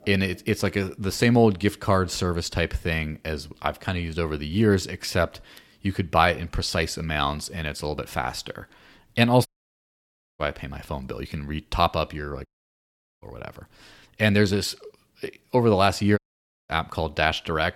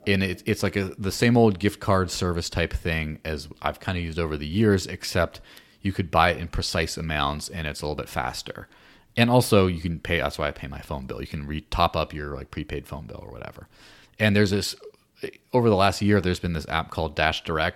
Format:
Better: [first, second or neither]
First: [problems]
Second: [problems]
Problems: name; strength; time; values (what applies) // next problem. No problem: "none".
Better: second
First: audio cutting out; at 9.5 s for 1 s, at 12 s for 1 s and at 16 s for 0.5 s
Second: none